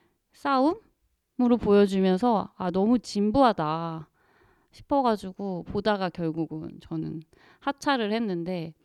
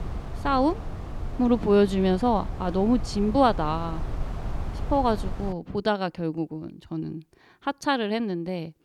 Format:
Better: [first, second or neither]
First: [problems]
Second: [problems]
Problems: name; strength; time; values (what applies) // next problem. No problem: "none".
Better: first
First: none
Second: wind noise on the microphone; occasional gusts; until 5.5 s; 15 dB below the speech